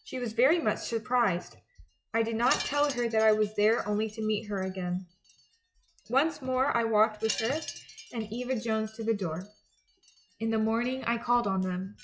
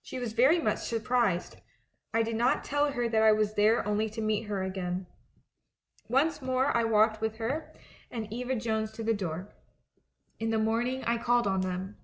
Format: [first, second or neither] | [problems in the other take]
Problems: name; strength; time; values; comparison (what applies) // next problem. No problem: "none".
second | noise reduction (classical method log-MMSE)